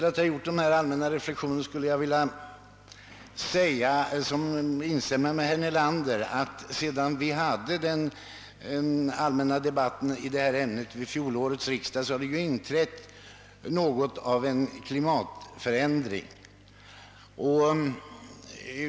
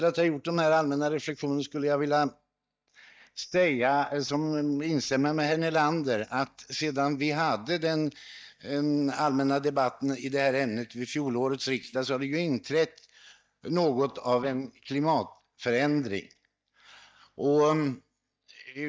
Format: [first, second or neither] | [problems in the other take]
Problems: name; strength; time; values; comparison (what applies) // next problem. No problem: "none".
first | noise reduction (neural mask model DeepFilterNet 3)